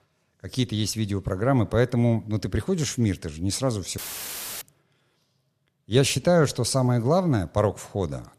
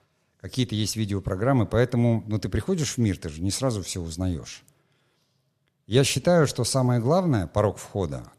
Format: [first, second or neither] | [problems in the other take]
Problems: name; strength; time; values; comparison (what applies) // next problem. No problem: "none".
second | audio cutting out; filled with static; at 4 s for 0.5 s